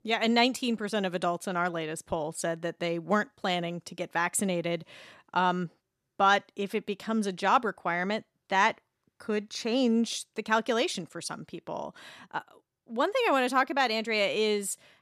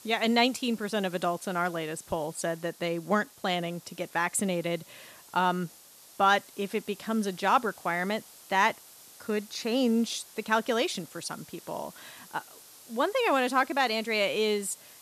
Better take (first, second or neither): first